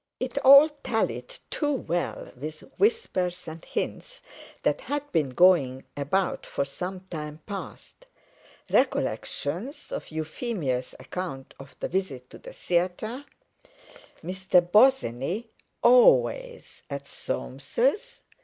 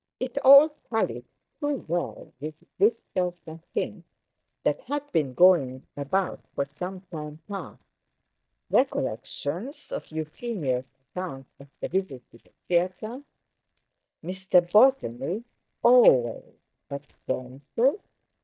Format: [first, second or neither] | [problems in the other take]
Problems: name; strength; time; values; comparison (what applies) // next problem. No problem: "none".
first | noise reduction (neural mask model DeepFilterNet 3)